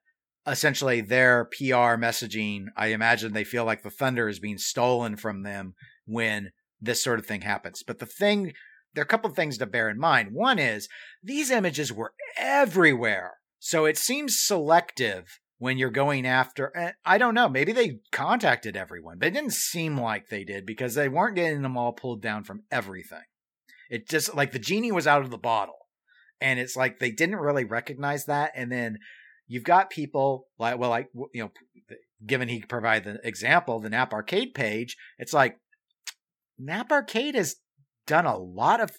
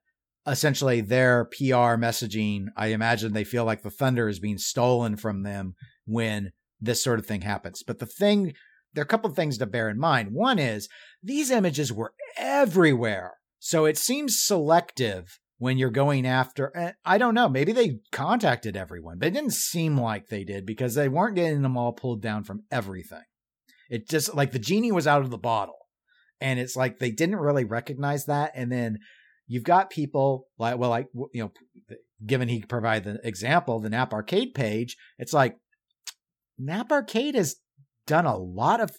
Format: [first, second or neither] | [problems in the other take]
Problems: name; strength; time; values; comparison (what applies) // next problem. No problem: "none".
second | thin; very slightly; fading below 450 Hz